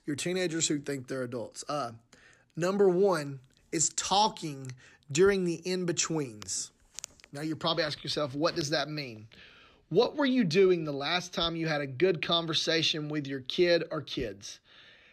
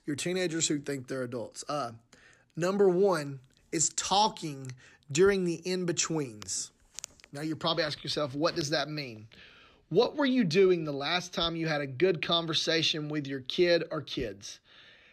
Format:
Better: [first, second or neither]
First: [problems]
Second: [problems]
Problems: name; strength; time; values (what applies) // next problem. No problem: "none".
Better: neither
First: none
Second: none